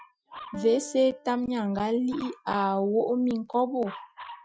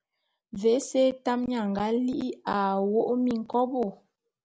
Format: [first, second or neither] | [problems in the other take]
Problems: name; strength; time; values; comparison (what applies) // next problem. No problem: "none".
second | noise reduction (classical method Wiener filter)